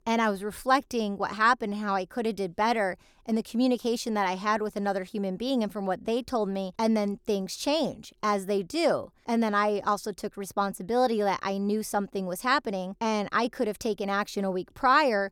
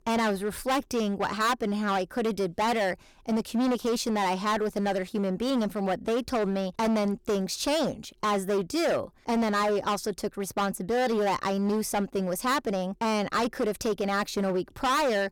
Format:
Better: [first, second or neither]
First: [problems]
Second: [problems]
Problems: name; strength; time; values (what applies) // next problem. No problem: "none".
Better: first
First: none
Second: distortion; heavy; 19% of the sound clipped